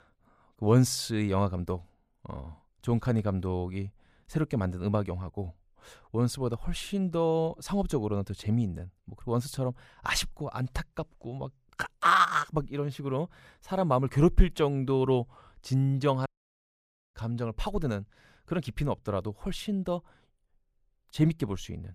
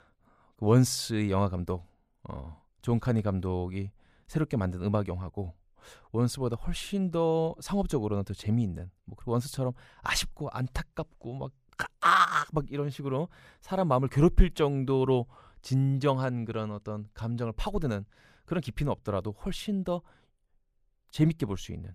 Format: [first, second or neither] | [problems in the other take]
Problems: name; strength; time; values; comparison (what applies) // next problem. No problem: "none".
second | audio cutting out; at 16 s for 1 s